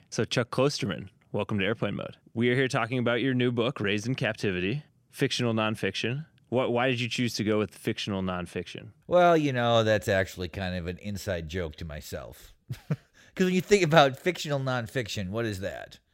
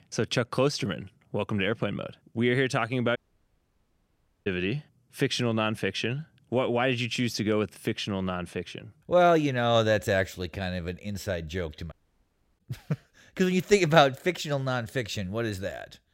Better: first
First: none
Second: audio cutting out; at 3 s for 1.5 s and at 12 s for 0.5 s

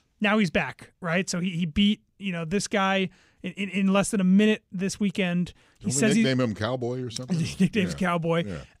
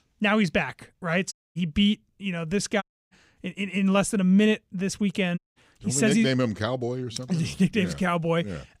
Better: first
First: none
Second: audio cutting out; at 1.5 s, at 3 s and at 5.5 s

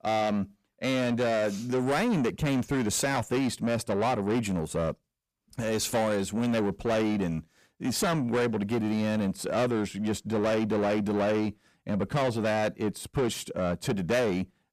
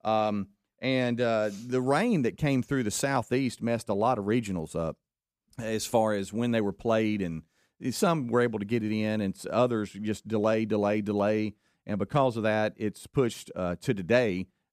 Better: second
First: distortion; heavy; 8 dB below the speech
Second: none

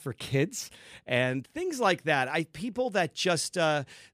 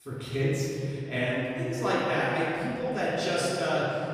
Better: first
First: none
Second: room echo; strong; dies away in 2.6 s // off-mic speech; far

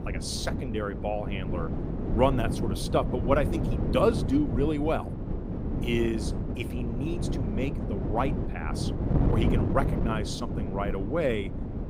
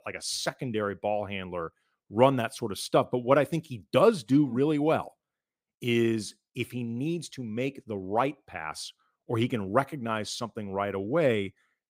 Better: second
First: wind noise on the microphone; heavy; 7 dB below the speech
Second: none

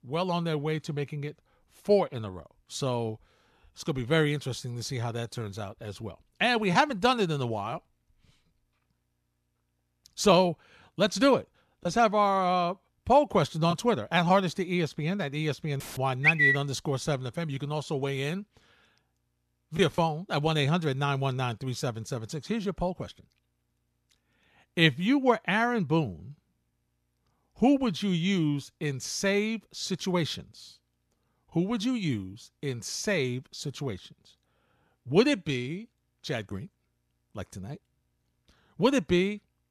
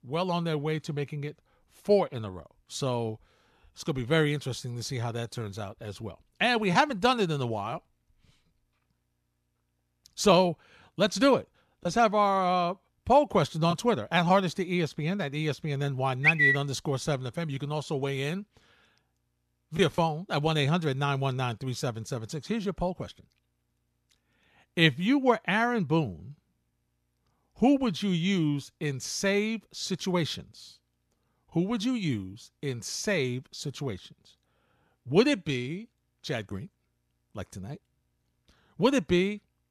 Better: second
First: audio cutting out; filled with static; at 16 s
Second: none

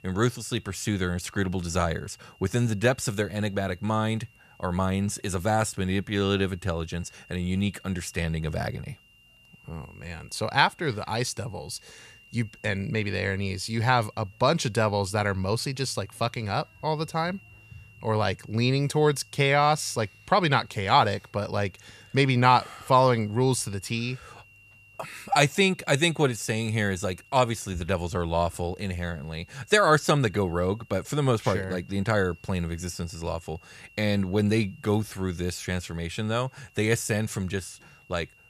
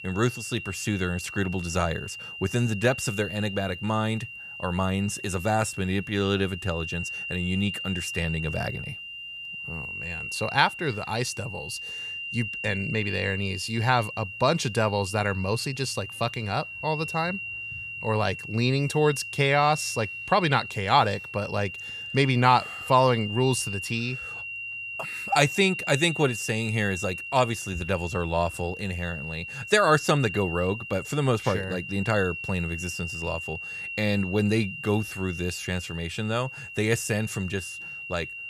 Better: first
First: high-pitched whine; faint; throughout; 3 kHz, 30 dB below the speech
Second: high-pitched whine; loud; throughout; 3 kHz, 8 dB below the speech

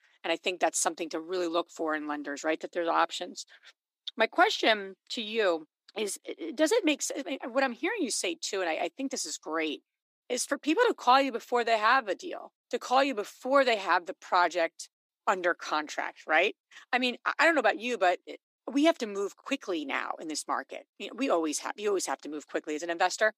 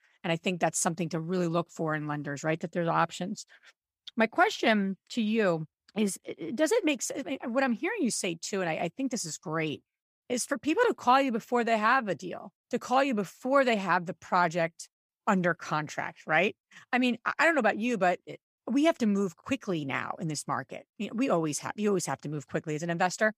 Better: second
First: thin; very slightly; fading below 300 Hz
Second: none

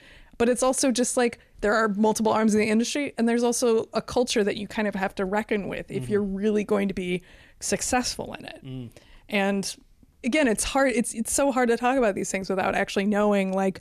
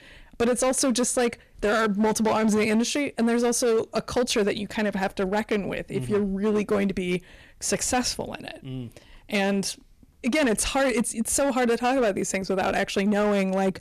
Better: first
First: none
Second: distortion; slight; 10% of the sound clipped

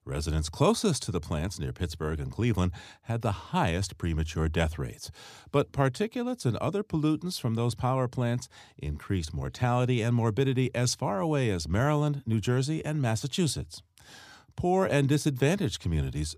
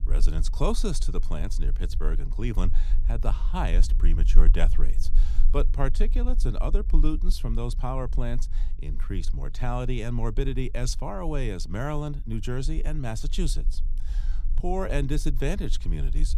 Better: first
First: none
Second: low rumble; noticeable; throughout; 20 dB below the speech

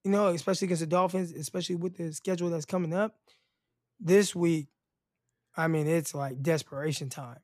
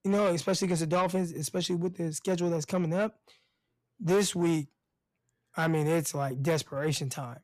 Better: first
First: none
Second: distortion; slight; 10 dB below the speech

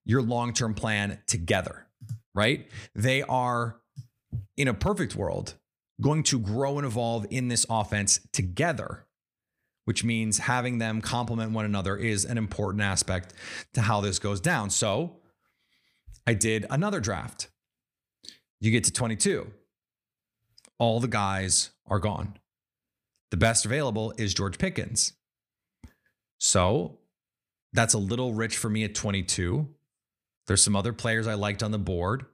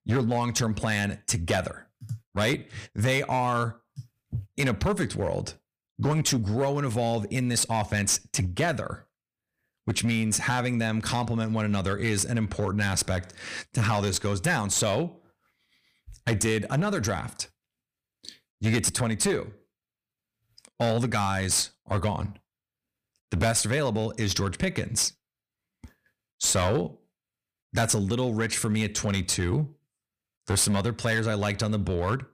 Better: first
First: none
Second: distortion; slight; 6% of the sound clipped

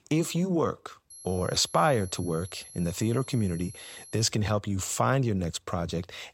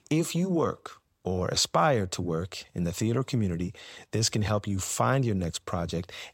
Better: second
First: high-pitched whine; noticeable; from 1 to 4.5 s; 11 kHz, 15 dB below the speech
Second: none

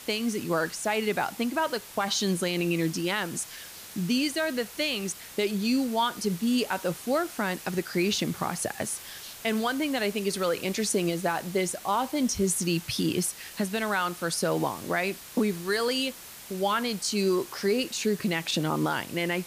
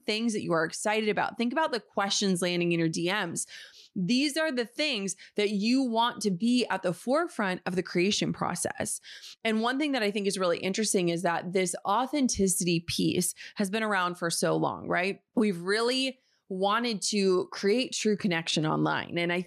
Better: second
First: hiss; noticeable; throughout; 15 dB below the speech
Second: none

